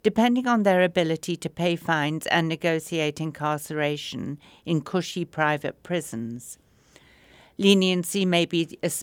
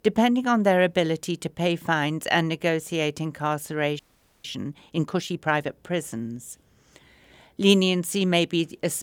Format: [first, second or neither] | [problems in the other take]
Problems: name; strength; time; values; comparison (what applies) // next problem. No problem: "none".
first | audio freezing; at 4 s